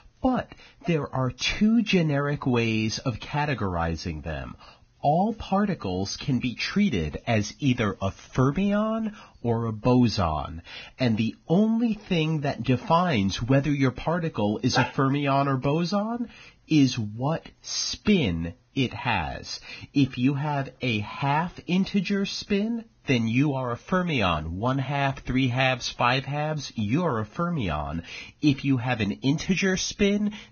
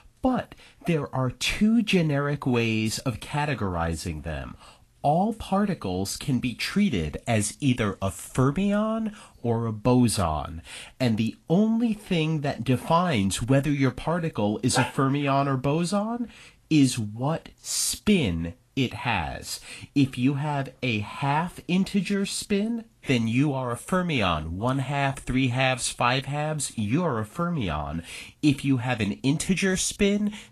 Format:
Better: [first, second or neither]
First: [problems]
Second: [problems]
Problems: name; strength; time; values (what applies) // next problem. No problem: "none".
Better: second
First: garbled, watery; badly; nothing above 6.5 kHz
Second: garbled, watery; slightly; nothing above 11.5 kHz